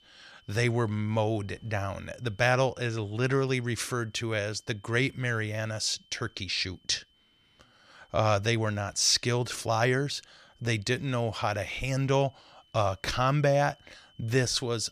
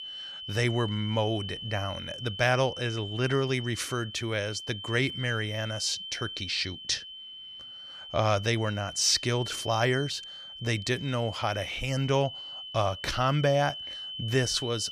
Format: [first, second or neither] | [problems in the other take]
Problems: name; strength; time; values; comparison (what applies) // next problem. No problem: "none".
first | high-pitched whine; loud; throughout; 3 kHz, 9 dB below the speech; faint in the first